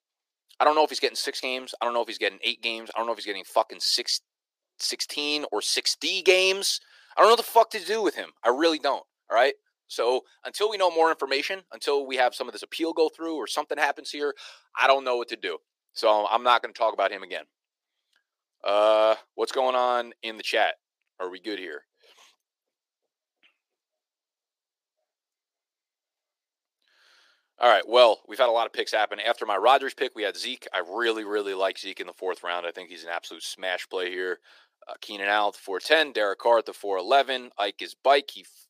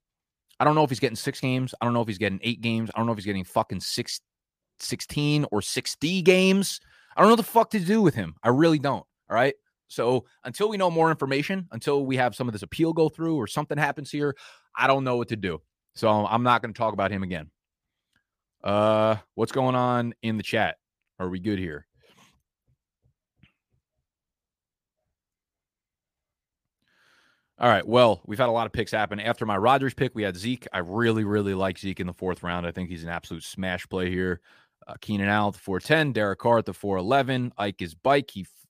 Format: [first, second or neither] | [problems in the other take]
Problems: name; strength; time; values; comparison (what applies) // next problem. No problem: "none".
second | thin; very; fading below 350 Hz